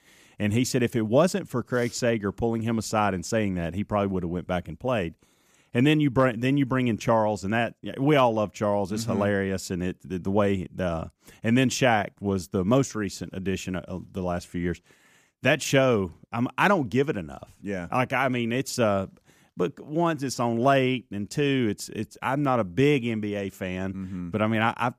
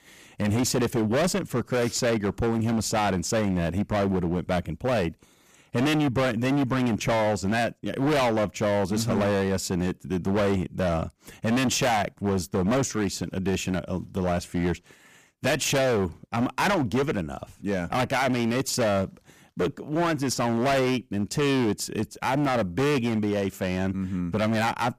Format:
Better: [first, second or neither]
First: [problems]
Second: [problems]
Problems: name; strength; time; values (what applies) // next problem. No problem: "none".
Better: first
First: none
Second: distortion; heavy; 20% of the sound clipped